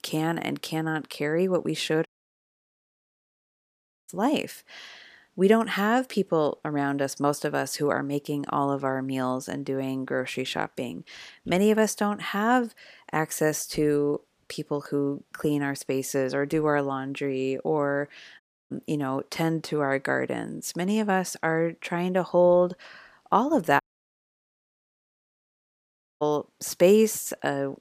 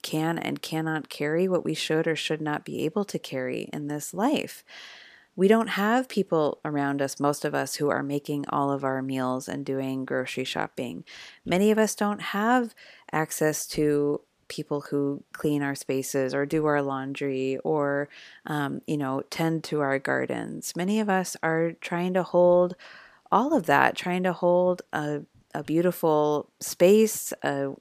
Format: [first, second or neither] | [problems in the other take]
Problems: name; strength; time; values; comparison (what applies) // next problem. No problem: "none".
second | audio cutting out; at 2 s for 2 s, at 18 s and at 24 s for 2.5 s